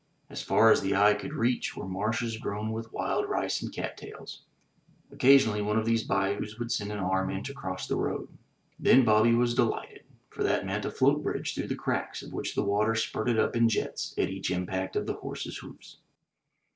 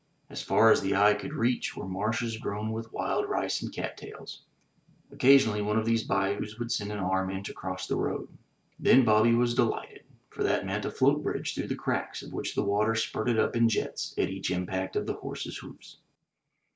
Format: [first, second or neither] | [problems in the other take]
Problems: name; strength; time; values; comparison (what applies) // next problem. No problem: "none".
second | background sound (Piano); 17 dB below the speech